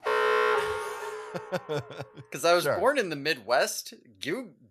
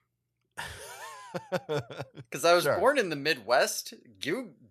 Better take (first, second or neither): second